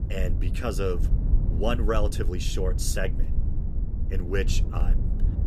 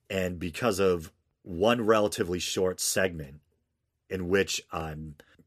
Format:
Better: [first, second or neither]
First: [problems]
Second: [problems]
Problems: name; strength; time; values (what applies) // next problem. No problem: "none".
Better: second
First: low rumble; noticeable; throughout; 10 dB below the speech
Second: none